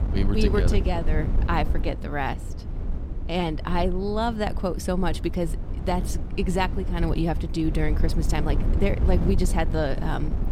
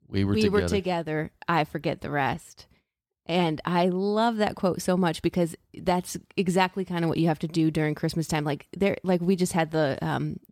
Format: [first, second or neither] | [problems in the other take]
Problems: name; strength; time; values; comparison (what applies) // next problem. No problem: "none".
second | wind noise on the microphone; occasional gusts; 10 dB below the speech